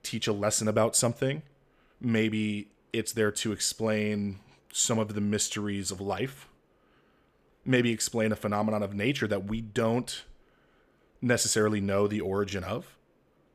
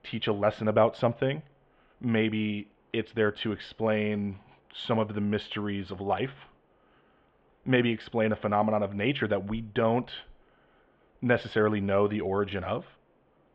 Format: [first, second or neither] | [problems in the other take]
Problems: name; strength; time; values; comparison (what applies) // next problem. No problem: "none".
first | muffled; very; fading above 3.5 kHz